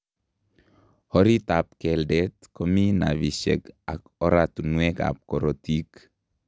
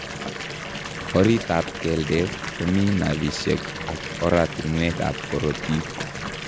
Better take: first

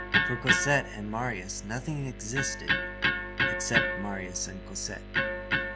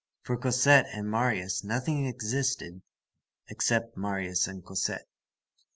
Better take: second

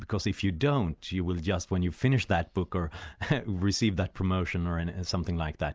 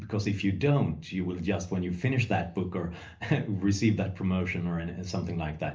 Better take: first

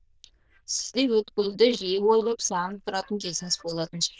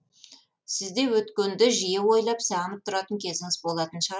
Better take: second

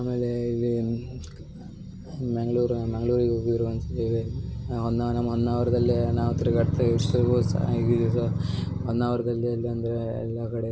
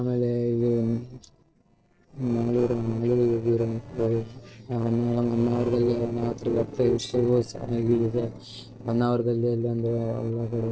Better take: first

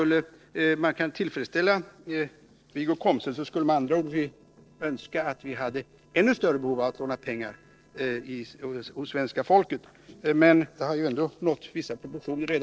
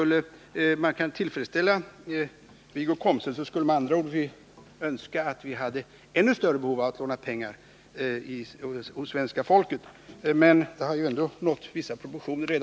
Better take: second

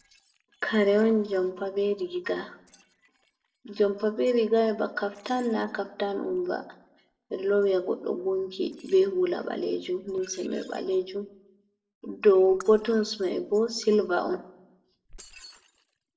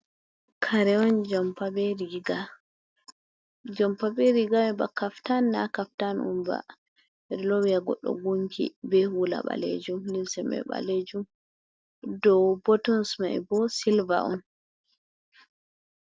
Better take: second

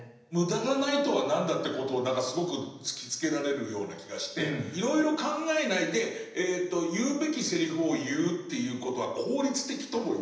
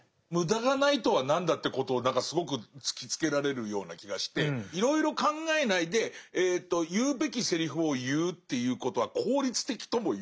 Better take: second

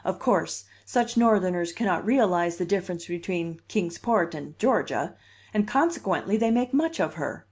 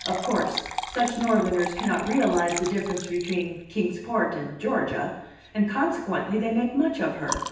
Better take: first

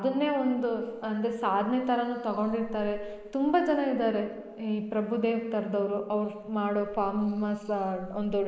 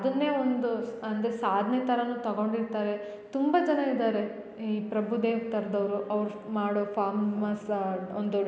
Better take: second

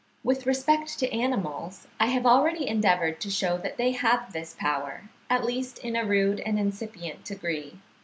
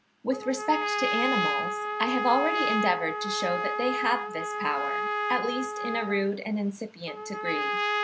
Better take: first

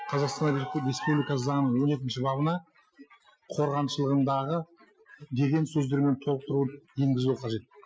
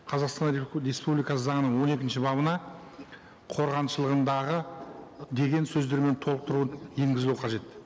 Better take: second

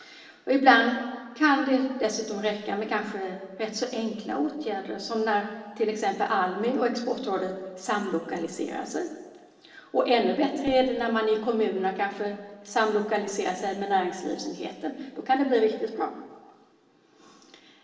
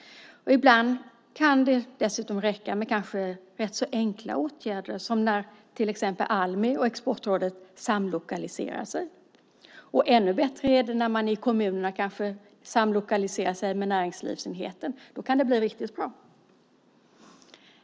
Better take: second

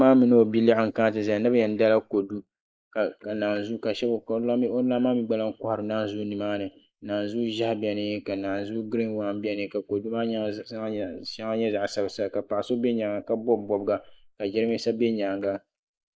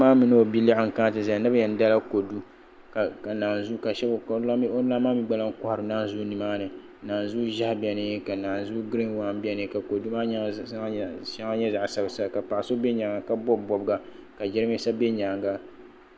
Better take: second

